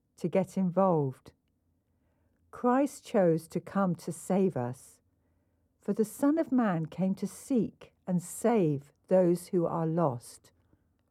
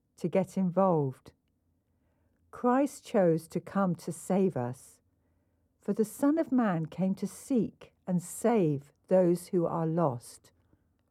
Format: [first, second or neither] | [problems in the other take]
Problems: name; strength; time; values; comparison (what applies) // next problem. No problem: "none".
neither | muffled; very; fading above 1.5 kHz; the same in both